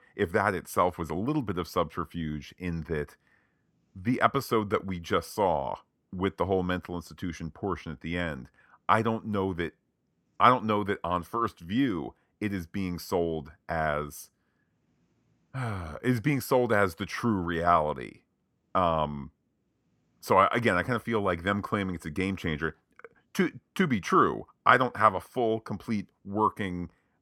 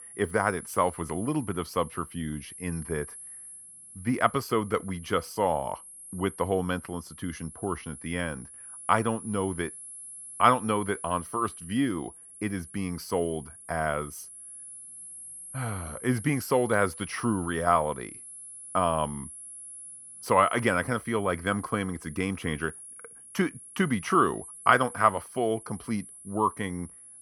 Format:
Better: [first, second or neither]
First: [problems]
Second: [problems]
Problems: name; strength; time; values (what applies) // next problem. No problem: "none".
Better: first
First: none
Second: high-pitched whine; noticeable; throughout; 11 kHz, 15 dB below the speech